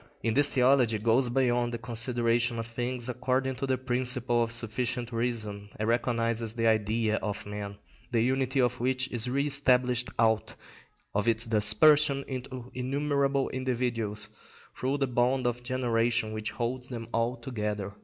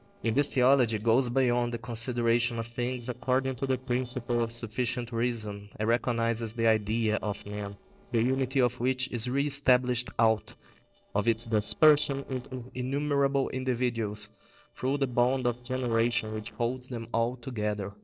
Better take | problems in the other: first | noise reduction (neural separator model SepFormer DNS4)

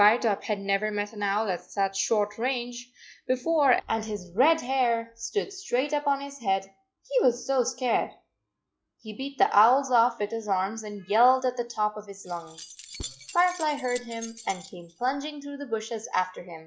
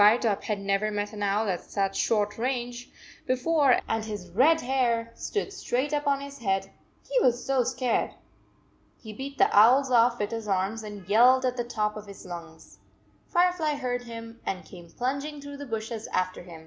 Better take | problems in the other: second | noise reduction (classical method log-MMSE)

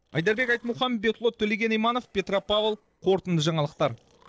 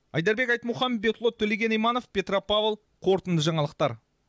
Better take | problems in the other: second | noise reduction (neural separator model SepFormer DNS4)

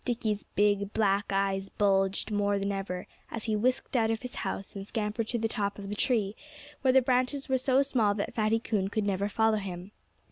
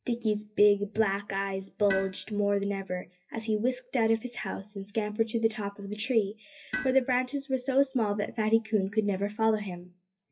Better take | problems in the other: first | noise reduction (classical method WPE with log-MMSE)

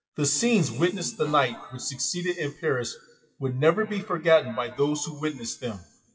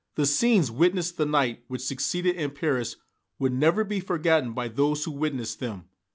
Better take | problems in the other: second | noise reduction (classical method WPE with log-MMSE)

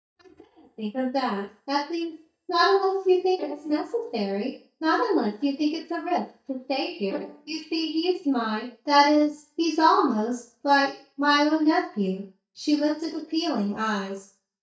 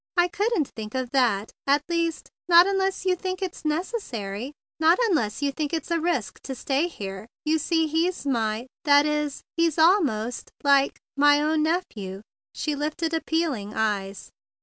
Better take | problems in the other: second | noise reduction (neural mask model DeepFilterNet 3)

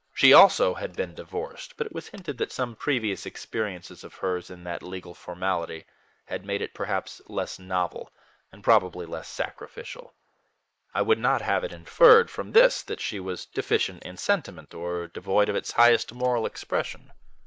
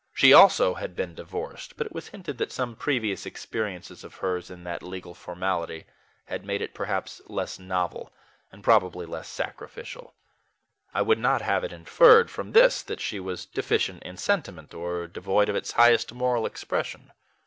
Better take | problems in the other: second | noise reduction (neural mask model Resemble Enhance denoiser)

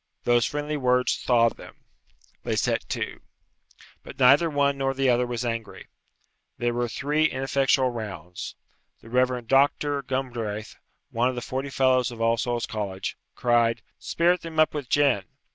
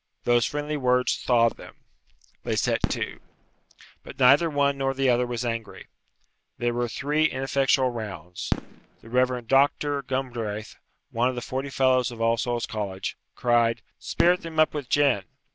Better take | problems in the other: first | background sound (Fireworks); 14 dB below the speech

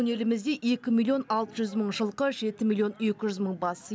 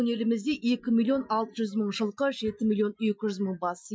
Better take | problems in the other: first | noise reduction (classical method Wiener filter)

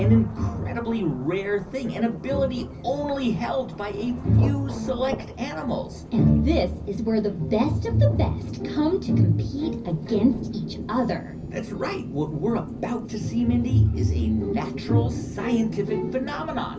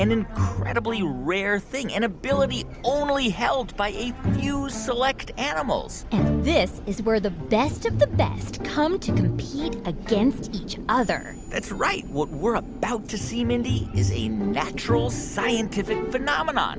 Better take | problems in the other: second | background sound (Rain / Thunderstorm); 19 dB below the speech // room echo; dies away in 0.4 s

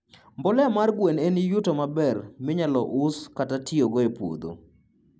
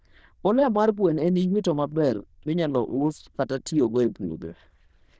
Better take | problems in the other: first | noise reduction (neural diffusion model UNIVERSE++)

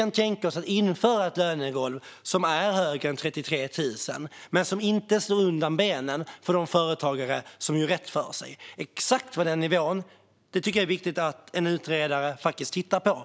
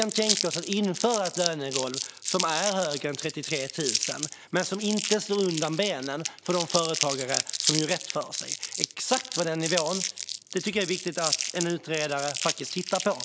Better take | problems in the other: first | background sound (Crumpling, crinkling); 3 dB below the speech

